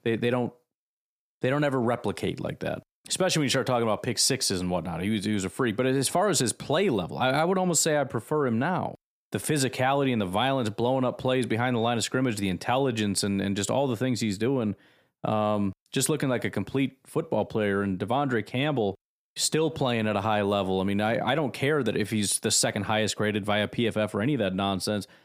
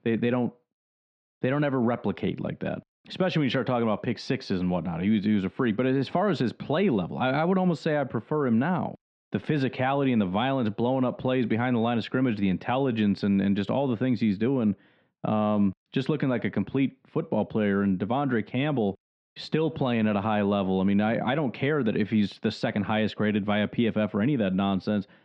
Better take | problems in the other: first | muffled; very; fading above 3.5 kHz

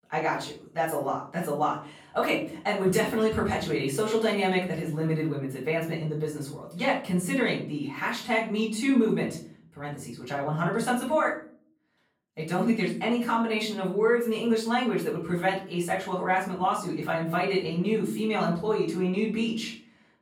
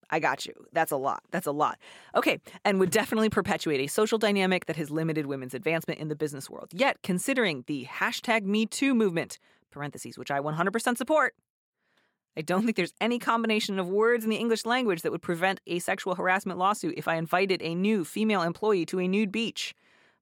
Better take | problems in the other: second | off-mic speech; far // room echo; noticeable; dies away in 0.5 s

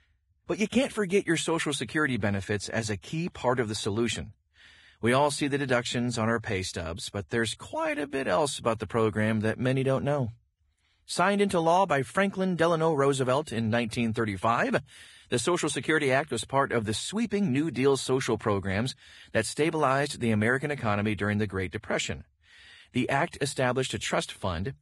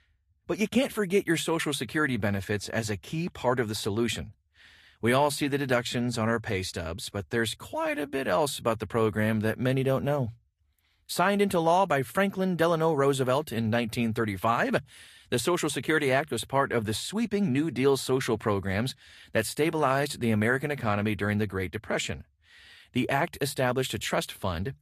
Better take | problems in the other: second | garbled, watery; badly; nothing above 10.5 kHz; slightly in the second

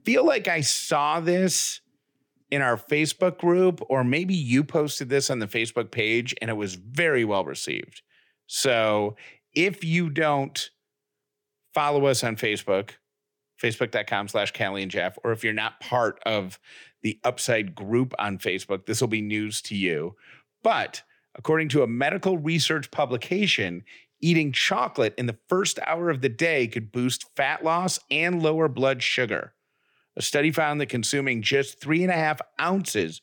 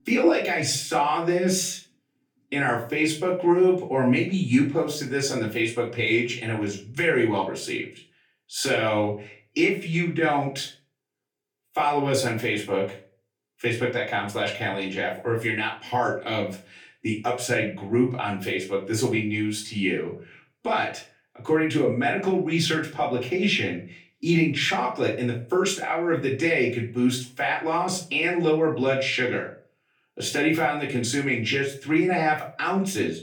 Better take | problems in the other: first | room echo; slight; dies away in 0.3 s // off-mic speech; far

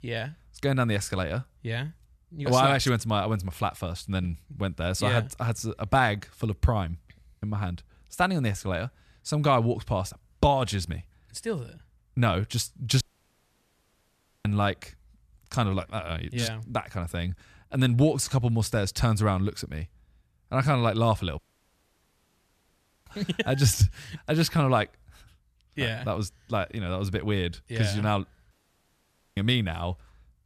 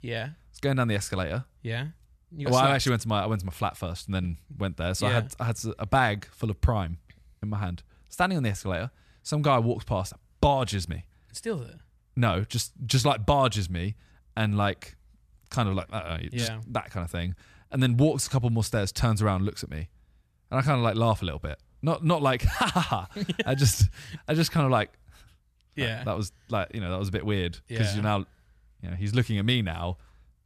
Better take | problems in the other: second | audio cutting out; at 13 s for 1.5 s, at 21 s for 1.5 s and at 29 s for 1 s

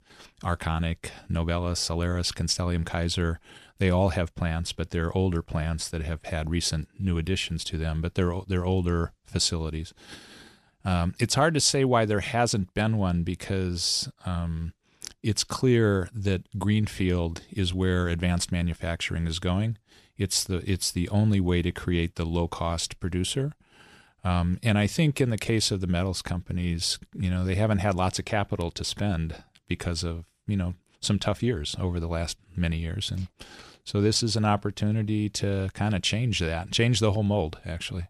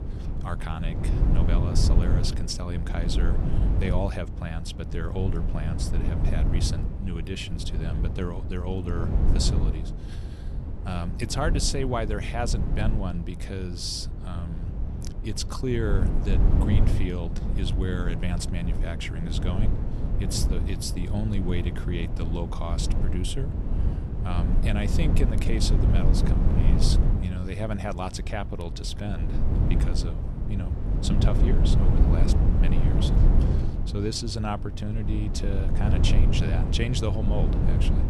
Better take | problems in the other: first | wind noise on the microphone; heavy; 4 dB below the speech

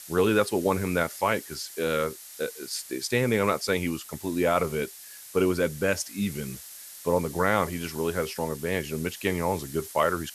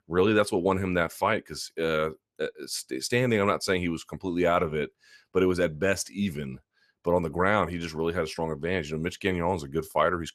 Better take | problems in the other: second | hiss; noticeable; throughout; 15 dB below the speech

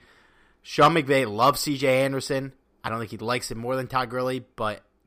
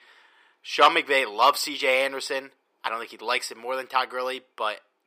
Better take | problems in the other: first | thin; somewhat; fading below 400 Hz

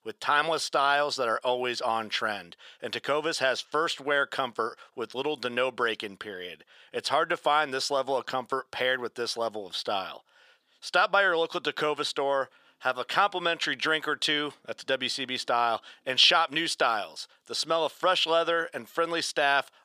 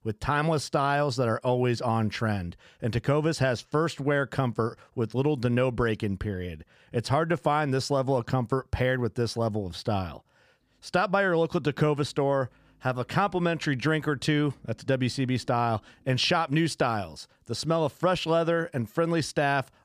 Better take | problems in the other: second | thin; very; fading below 550 Hz

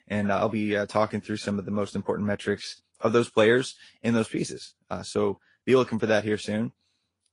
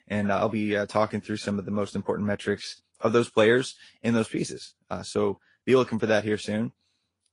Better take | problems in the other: neither | garbled, watery; slightly; nothing above 10.5 kHz; the same in both

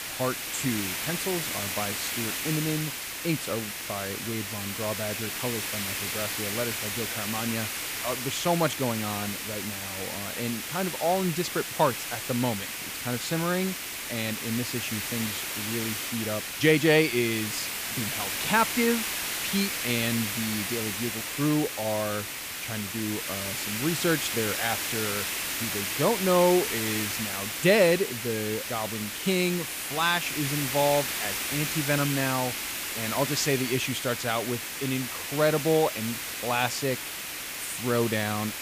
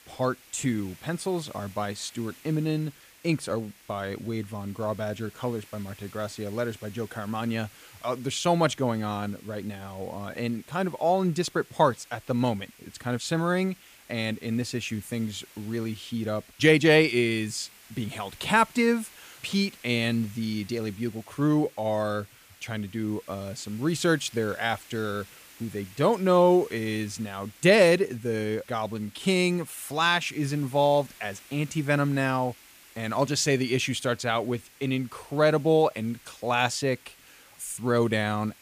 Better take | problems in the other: second | hiss; loud; throughout; 2 dB below the speech; faint in the second

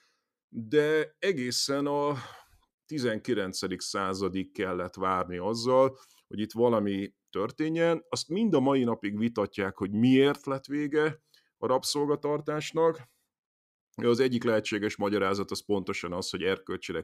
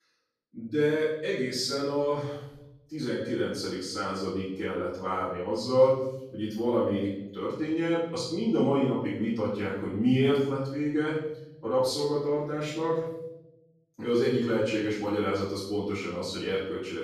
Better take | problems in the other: first | off-mic speech; far // room echo; noticeable; dies away in 0.8 s

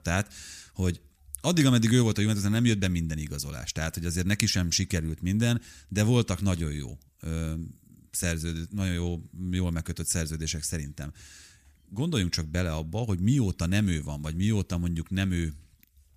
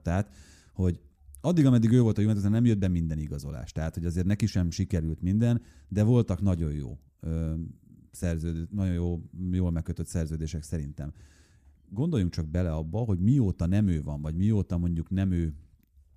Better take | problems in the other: first | muffled; slightly; fading above 1 kHz

